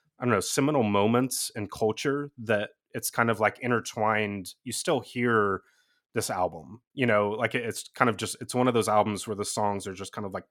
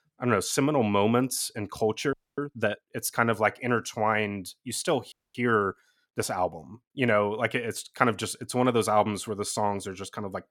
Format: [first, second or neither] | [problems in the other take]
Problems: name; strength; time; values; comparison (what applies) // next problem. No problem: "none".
first | audio freezing; at 2 s and at 5 s